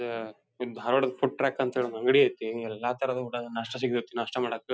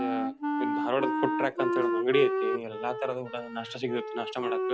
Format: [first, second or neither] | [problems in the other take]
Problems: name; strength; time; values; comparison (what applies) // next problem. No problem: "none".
first | background sound (Wind instrument, woodwind instrument); 1 dB above the speech